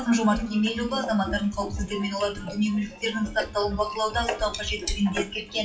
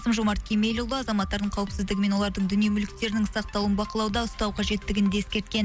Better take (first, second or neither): second